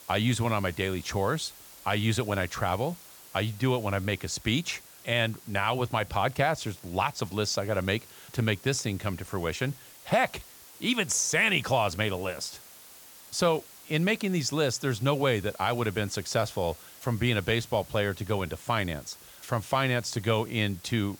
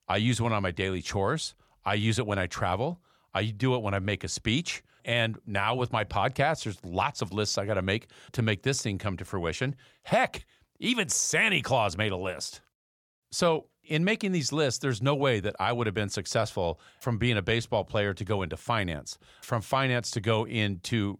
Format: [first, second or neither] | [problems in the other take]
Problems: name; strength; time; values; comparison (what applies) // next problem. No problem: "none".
second | hiss; noticeable; throughout; 20 dB below the speech